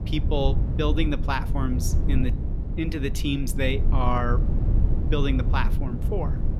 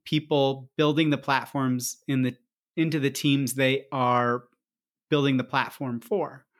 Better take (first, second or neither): second